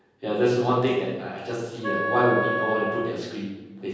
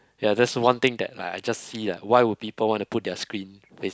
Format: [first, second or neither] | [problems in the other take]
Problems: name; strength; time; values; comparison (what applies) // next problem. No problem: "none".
second | background sound (Wind instrument, woodwind instrument); 4 dB below the speech // room echo; dies away in 1.3 s